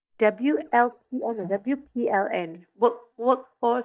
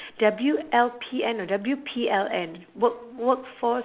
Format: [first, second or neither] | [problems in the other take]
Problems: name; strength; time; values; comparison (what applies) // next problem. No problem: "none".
second | noise reduction (neural mask model DeepFilterNet 3)